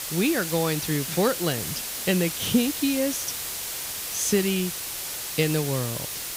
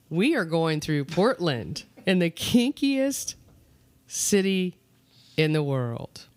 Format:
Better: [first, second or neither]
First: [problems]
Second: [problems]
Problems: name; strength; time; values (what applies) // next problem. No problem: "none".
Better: second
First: hiss; loud; throughout; 3 dB below the speech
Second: none